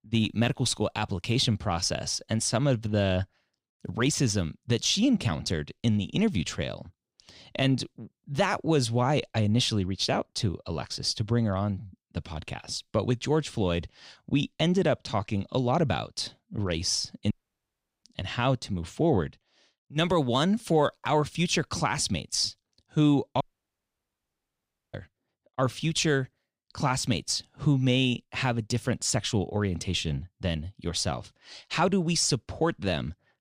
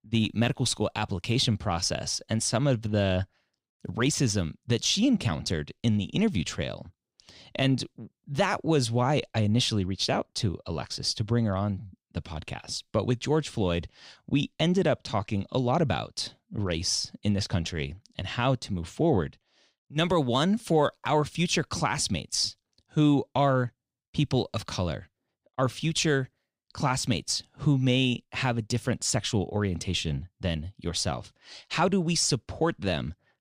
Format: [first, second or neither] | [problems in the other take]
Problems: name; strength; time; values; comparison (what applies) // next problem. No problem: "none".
second | audio cutting out; at 17 s for 0.5 s and at 23 s for 1.5 s